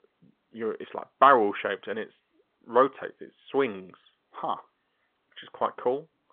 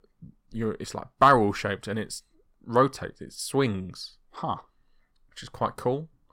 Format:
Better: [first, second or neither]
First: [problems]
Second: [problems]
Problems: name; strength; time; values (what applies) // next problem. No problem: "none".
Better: second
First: phone-call audio; nothing above 3.5 kHz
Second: none